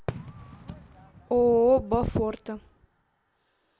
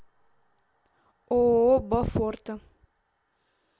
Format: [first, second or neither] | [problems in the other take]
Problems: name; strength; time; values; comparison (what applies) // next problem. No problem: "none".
second | background sound (Fireworks); 16 dB below the speech